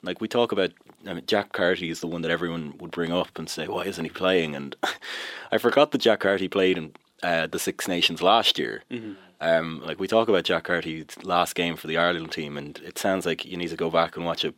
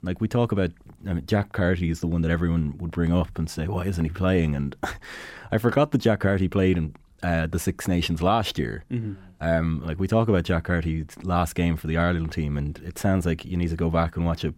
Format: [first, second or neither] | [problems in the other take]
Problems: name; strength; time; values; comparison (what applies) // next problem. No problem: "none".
second | thin; somewhat; fading below 400 Hz